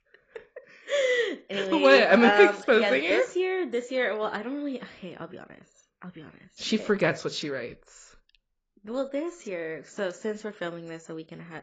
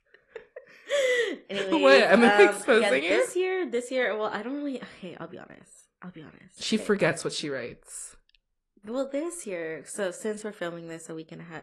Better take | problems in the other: second | garbled, watery; badly; nothing above 7.5 kHz; slightly in the second

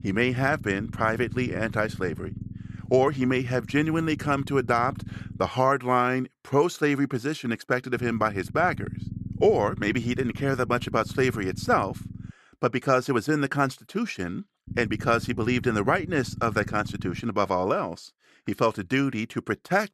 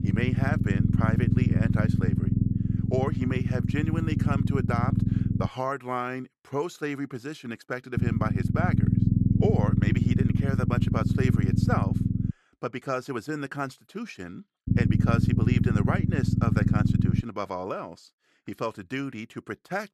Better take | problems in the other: first | low rumble; loud; until 5.5 s, from 8 to 12 s and from 15 to 17 s; 2 dB below the speech; faint in the first

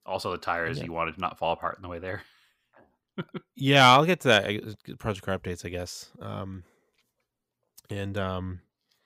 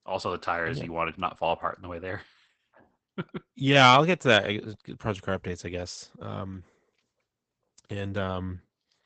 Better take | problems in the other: first | garbled, watery; badly; nothing above 8 kHz

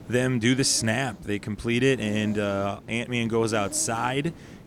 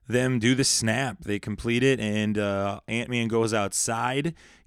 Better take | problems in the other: second | hiss; noticeable; throughout; 20 dB below the speech

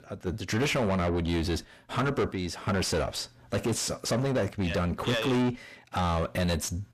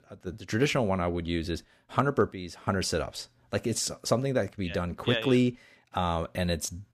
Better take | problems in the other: second | distortion; heavy; 6 dB below the speech

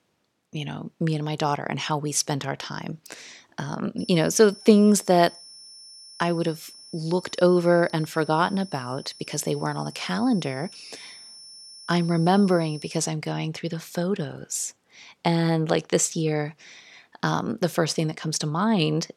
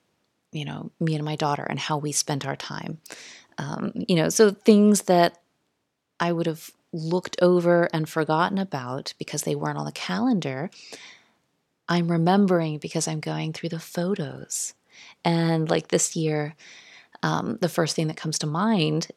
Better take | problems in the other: second | high-pitched whine; noticeable; from 4 to 13 s; 5.5 kHz, 20 dB below the speech

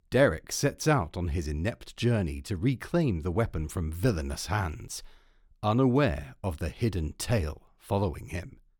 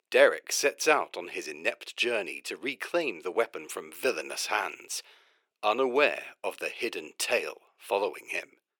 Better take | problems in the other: first | thin; very; fading below 400 Hz

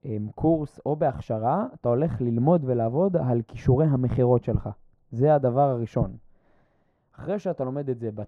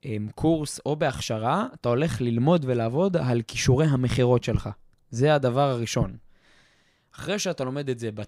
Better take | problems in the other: second | muffled; very; fading above 2 kHz

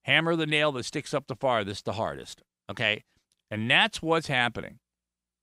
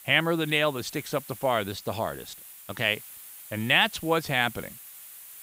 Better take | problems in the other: first | hiss; noticeable; throughout; 15 dB below the speech

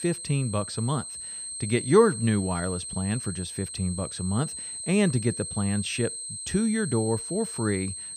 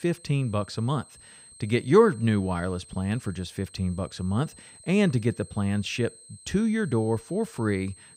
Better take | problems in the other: second | high-pitched whine; loud; throughout; 8.5 kHz, 7 dB below the speech; faint in the second

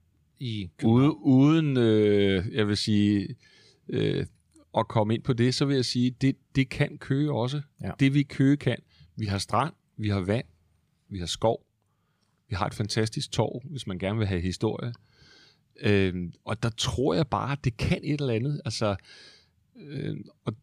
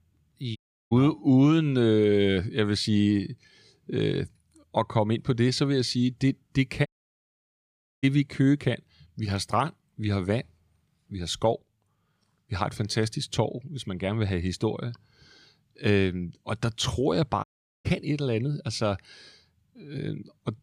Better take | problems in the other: first | audio cutting out; at 0.5 s, at 7 s for 1 s and at 17 s

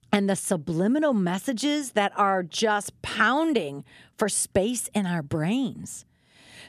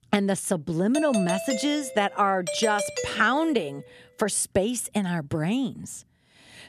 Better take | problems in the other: first | doorbell; noticeable; from 1 to 3.5 s; peak 4 dB below the speech

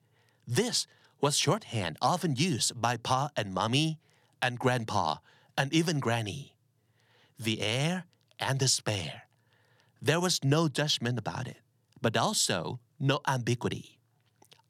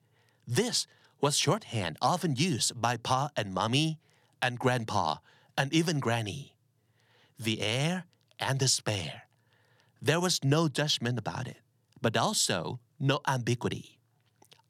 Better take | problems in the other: neither | none

